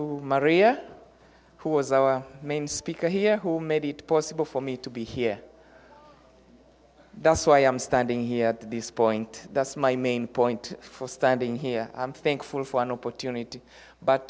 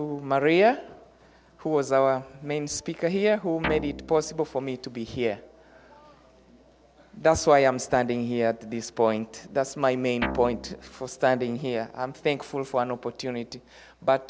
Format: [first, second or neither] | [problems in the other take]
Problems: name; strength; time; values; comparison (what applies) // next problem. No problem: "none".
first | background sound (Guitar); 8 dB below the speech